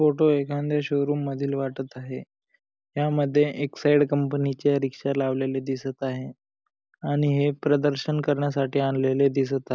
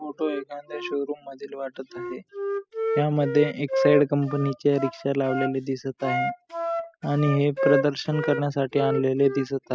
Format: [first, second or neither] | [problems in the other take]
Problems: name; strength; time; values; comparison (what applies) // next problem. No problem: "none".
first | noise reduction (classical method spectral subtraction)